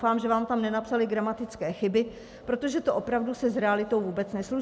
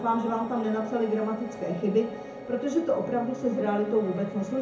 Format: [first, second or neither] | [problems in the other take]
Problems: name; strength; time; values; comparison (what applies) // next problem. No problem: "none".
first | background sound (Piano); 11 dB below the speech // room echo; dies away in 0.6 s